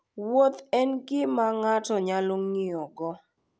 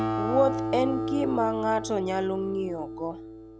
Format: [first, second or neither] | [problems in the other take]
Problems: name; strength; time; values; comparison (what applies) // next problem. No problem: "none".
first | background sound (Acoustic guitar); 4 dB below the speech